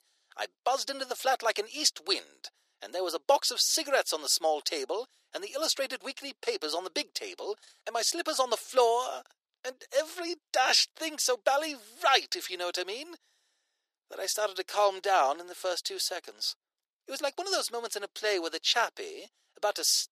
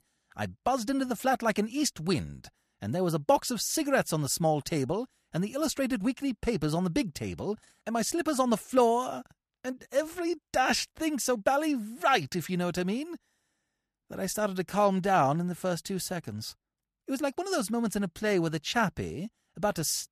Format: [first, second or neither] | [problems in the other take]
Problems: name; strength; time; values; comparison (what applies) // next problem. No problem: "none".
second | thin; very; fading below 400 Hz